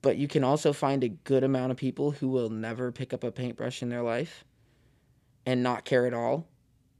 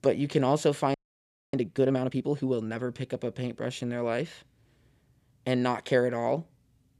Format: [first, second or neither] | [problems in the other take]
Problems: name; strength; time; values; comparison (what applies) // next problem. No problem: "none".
first | audio freezing; at 1 s for 0.5 s